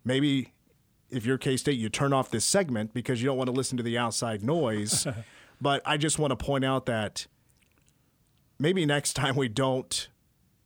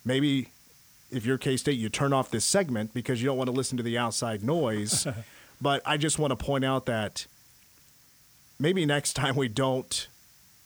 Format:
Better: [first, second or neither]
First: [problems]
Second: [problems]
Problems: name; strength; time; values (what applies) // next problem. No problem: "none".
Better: first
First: none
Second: hiss; faint; throughout; 25 dB below the speech